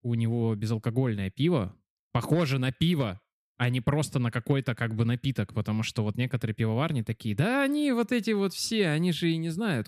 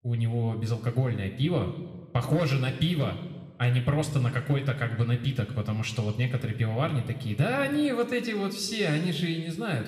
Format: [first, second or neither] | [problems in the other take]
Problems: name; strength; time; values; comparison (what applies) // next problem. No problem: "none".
first | room echo; slight; dies away in 1.1 s